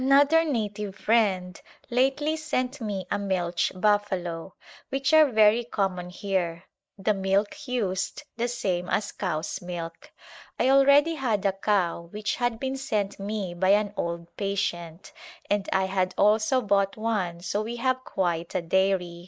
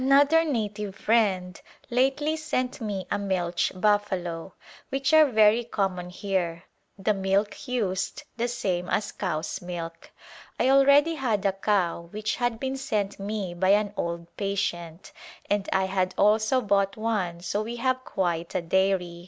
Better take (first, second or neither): second